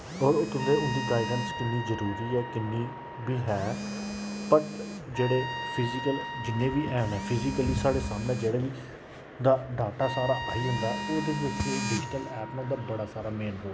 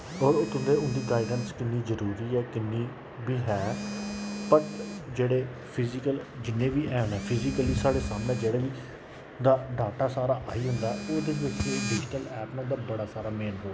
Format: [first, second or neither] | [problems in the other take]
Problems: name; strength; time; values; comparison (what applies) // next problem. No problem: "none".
second | background sound (Trumpet); 9 dB below the speech